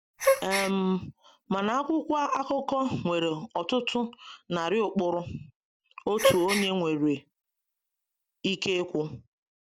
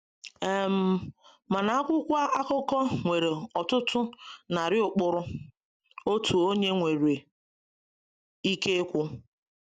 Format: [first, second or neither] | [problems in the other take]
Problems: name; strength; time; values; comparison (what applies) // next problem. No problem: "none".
second | background sound (Gasp); 3 dB below the speech